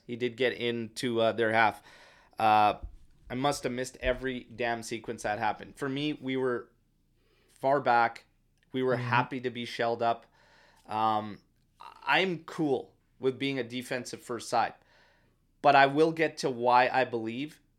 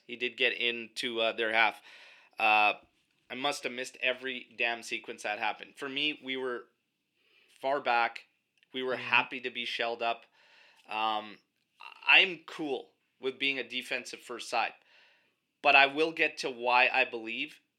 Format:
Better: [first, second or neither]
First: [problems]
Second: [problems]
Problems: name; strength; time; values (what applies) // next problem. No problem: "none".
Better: first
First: none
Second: thin; very slightly; fading below 300 Hz